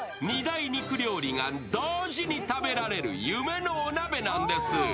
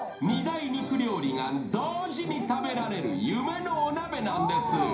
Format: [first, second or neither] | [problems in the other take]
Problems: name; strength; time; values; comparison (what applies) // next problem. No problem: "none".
first | room echo; dies away in 0.5 s